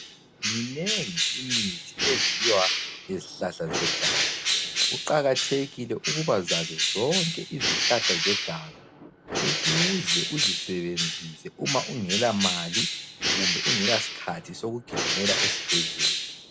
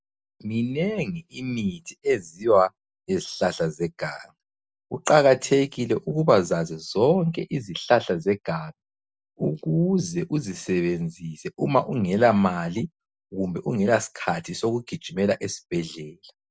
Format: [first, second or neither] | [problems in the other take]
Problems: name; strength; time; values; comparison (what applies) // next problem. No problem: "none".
second | background sound (Bird); 3 dB above the speech